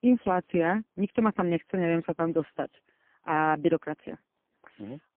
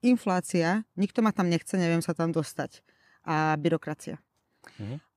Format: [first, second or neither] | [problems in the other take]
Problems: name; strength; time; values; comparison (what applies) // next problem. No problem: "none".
second | phone-call audio; poor line